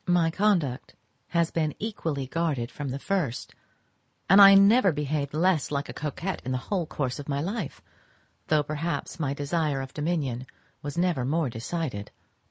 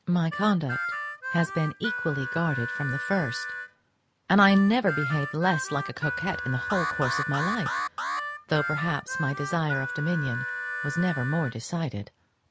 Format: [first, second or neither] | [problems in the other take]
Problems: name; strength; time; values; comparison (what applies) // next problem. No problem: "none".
first | background sound (Alarm + Harmonica); 5 dB below the speech